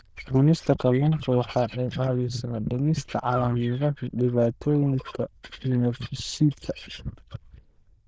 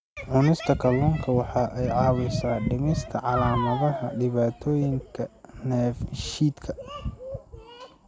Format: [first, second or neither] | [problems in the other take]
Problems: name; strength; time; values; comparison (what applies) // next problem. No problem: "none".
second | noise reduction (neural diffusion model UNIVERSE++)